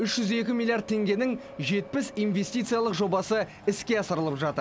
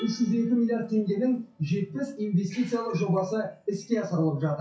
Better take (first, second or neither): first